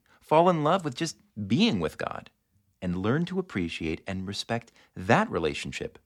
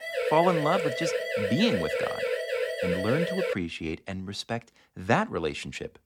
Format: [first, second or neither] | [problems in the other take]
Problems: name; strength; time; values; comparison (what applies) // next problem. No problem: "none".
first | siren; loud; until 3.5 s; peak level with the speech